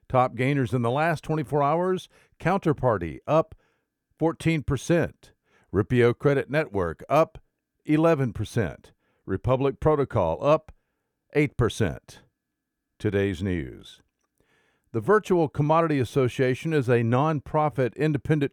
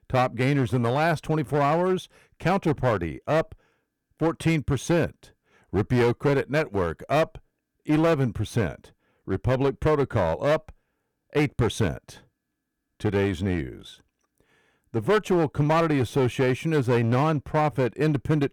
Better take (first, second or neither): first